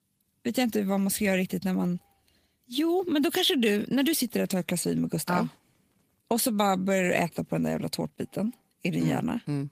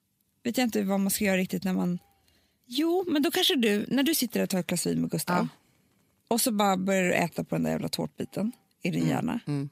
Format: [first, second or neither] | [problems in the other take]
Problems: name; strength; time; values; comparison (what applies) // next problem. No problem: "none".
second | garbled, watery; slightly; nothing above 15 kHz